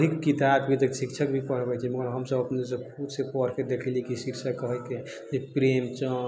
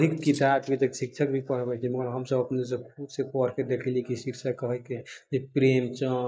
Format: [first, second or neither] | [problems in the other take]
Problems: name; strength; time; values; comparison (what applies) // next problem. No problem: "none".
first | noise reduction (neural mask model DeepFilterNet 3)